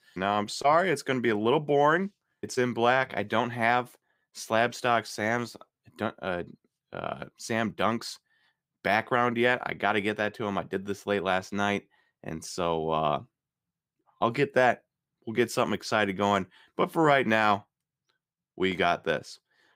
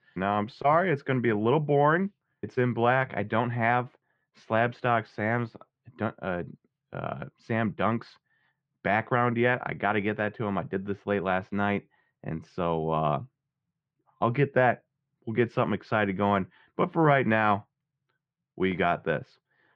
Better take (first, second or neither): first